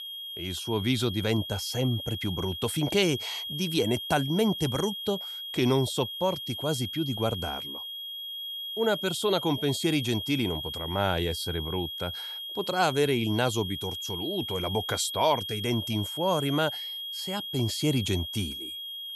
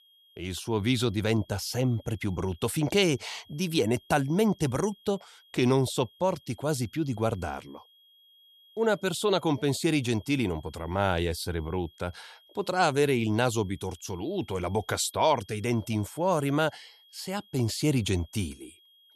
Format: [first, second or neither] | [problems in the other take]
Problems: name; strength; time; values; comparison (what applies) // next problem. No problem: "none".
second | high-pitched whine; loud; throughout; 3.5 kHz, 5 dB below the speech; faint in the second